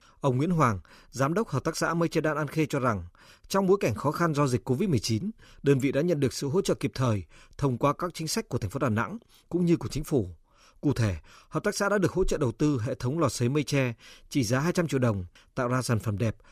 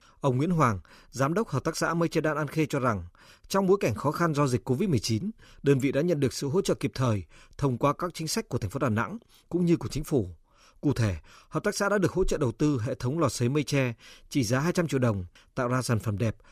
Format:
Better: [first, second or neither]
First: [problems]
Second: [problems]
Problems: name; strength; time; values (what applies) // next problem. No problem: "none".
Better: neither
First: none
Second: none